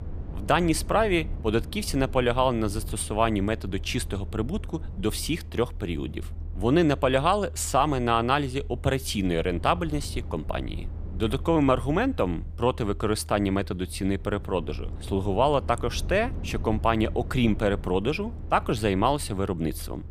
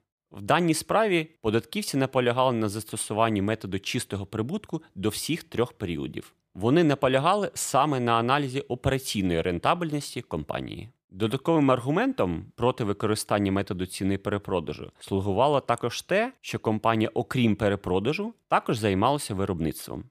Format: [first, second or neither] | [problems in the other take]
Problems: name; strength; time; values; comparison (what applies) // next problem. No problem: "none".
second | low rumble; faint; throughout; 25 dB below the speech